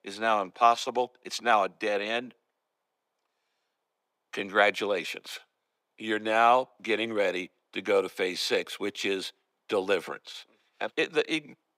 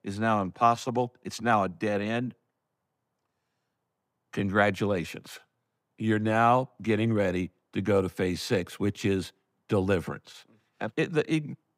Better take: second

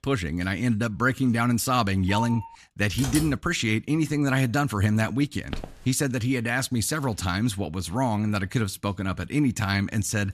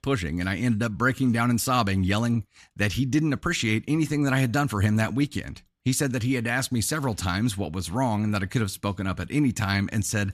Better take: second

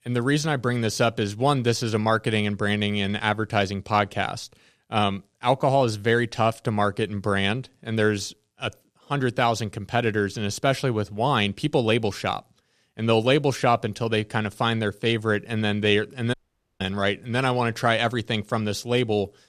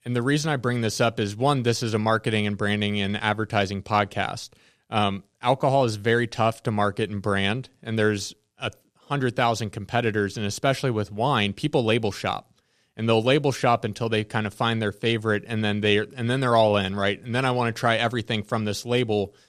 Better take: second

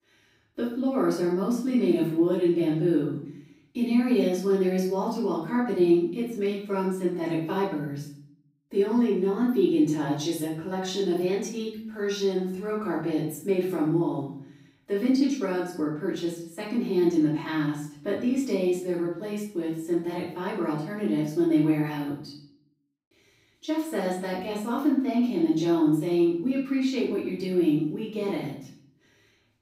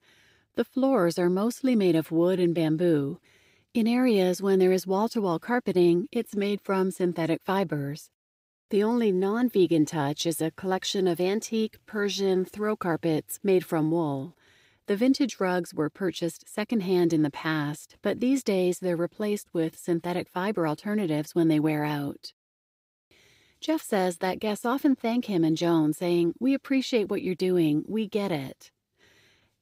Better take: second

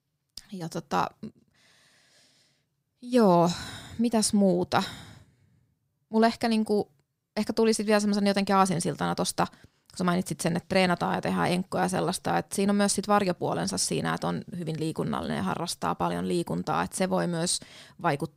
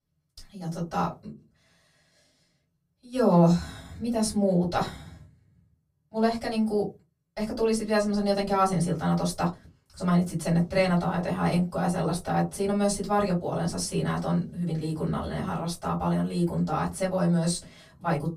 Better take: first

